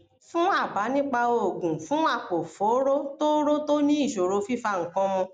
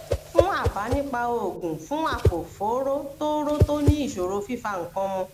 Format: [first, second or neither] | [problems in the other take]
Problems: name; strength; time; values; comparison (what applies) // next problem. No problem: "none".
first | background sound (Whoosh, swoosh, swish); 1 dB below the speech